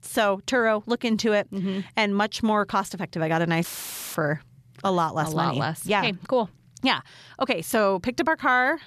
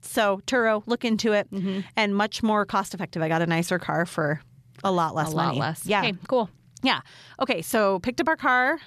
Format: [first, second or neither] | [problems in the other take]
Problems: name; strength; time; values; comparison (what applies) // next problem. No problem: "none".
second | audio cutting out; filled with static; at 3.5 s for 0.5 s